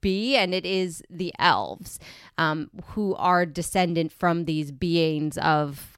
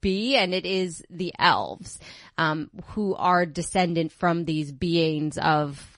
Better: first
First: none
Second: garbled, watery; slightly; nothing above 10.5 kHz

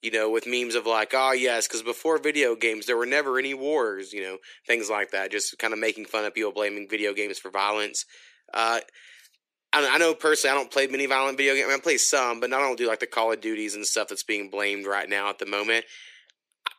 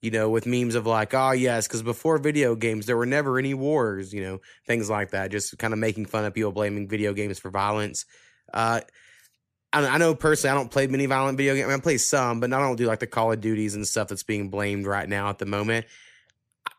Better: second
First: thin; somewhat; fading below 350 Hz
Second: none

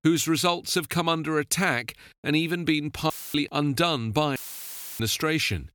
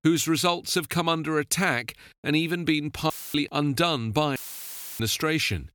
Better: neither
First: audio cutting out; filled with static; at 3 s and at 4.5 s for 0.5 s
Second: audio cutting out; filled with static; at 3 s and at 4.5 s for 0.5 s

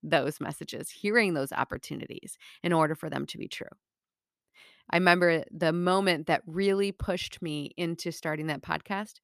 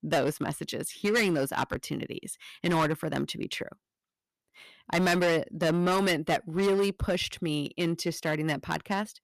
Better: first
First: none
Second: distortion; heavy; 8% of the sound clipped

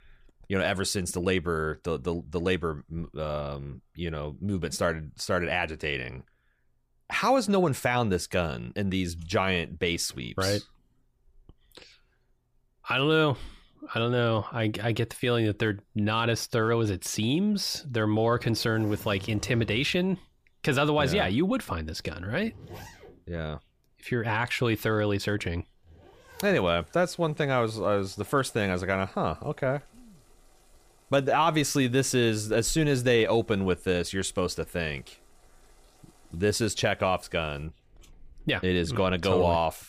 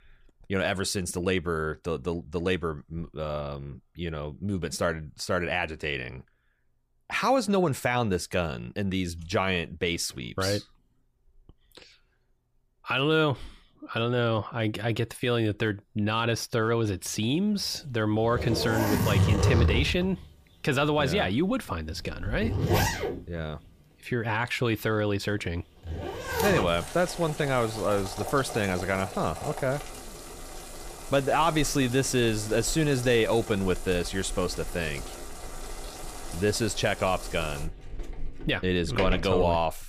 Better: first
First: household noises; faint; from 17 s on; 25 dB below the speech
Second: household noises; loud; from 17 s on; 5 dB below the speech

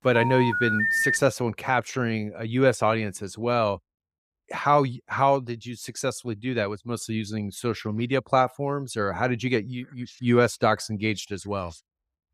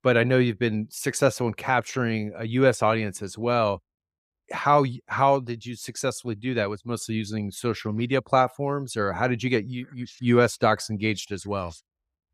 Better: second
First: phone ringing; loud; until 1 s; peak 4 dB above the speech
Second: none

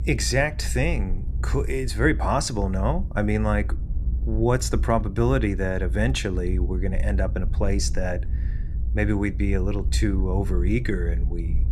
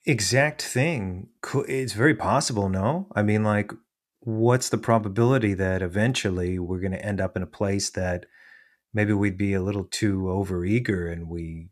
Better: second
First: low rumble; noticeable; throughout; 20 dB below the speech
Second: none

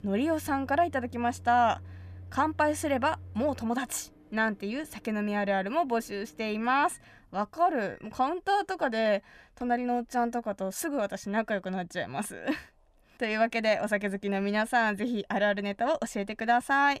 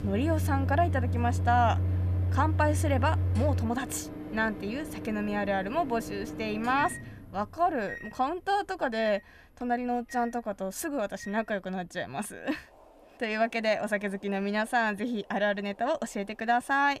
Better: first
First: household noises; faint; throughout; 20 dB below the speech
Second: household noises; loud; throughout; 2 dB below the speech

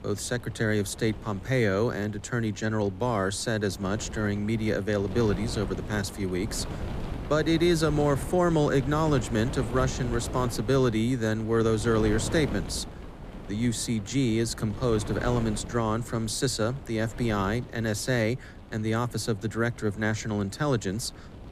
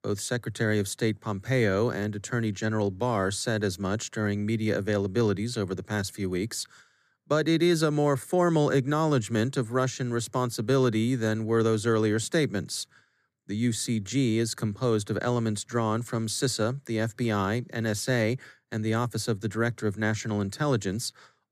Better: second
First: wind noise on the microphone; occasional gusts; 15 dB below the speech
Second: none

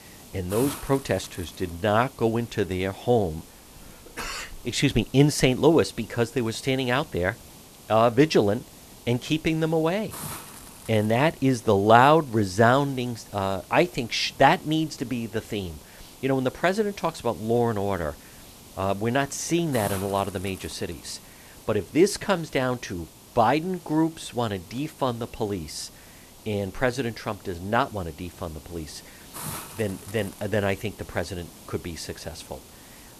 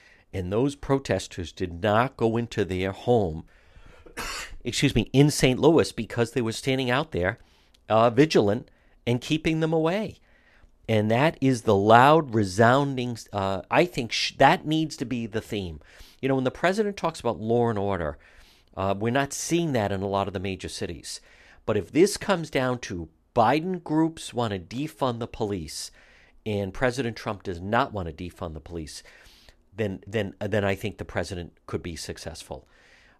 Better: second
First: hiss; noticeable; throughout; 20 dB below the speech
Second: none

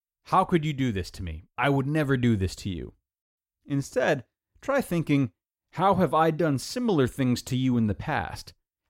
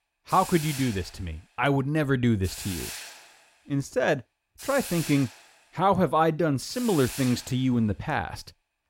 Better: first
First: none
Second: hiss; noticeable; throughout; 10 dB below the speech

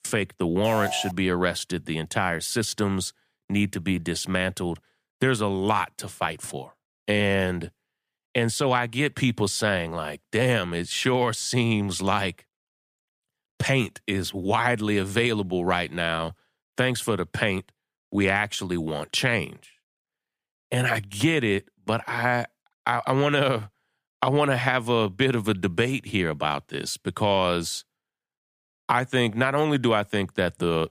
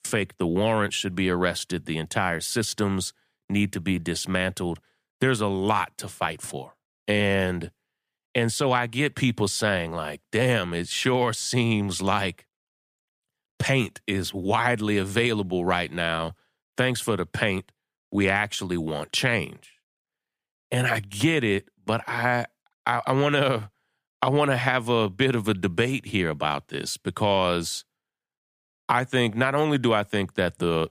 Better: second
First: alarm; noticeable; at 0.5 s; peak 6 dB below the speech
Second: none

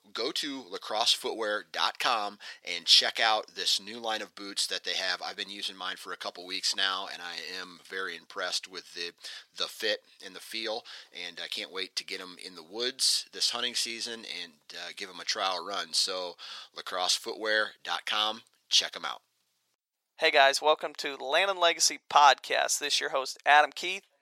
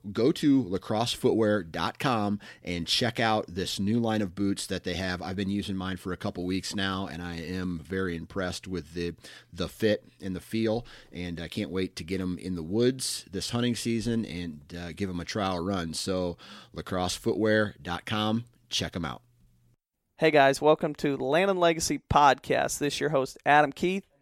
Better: second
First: thin; very; fading below 800 Hz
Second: none

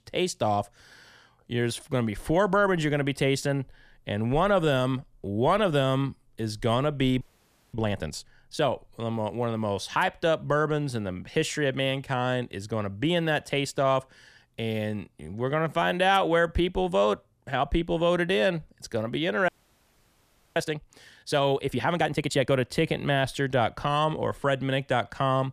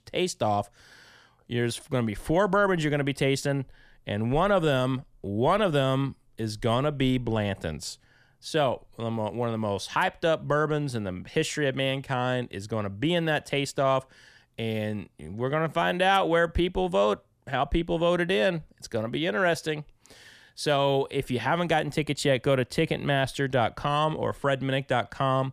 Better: second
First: audio freezing; at 7 s for 0.5 s and at 19 s for 1 s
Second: none

